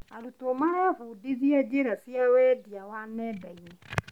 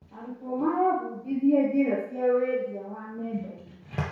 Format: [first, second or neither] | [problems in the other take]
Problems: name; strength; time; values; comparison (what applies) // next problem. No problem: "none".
first | room echo; dies away in 0.6 s